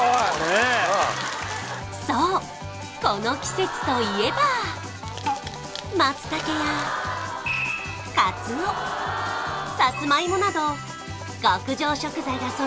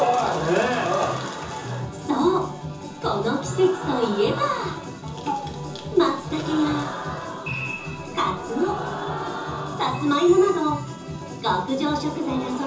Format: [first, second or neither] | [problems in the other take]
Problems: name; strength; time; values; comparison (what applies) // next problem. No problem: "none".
first | room echo; dies away in 0.6 s